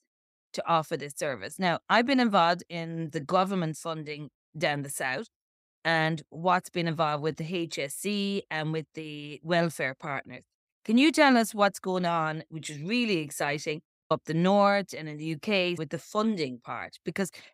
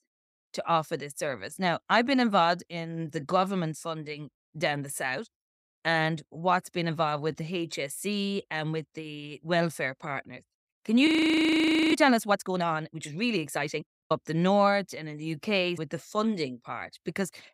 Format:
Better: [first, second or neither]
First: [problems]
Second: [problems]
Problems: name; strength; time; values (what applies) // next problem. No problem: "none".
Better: first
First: none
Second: audio freezing; at 11 s for 1 s